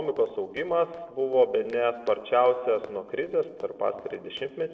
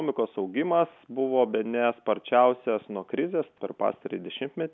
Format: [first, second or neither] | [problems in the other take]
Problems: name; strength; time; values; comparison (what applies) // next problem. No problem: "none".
second | noise reduction (neural separator model SepFormer DNS4)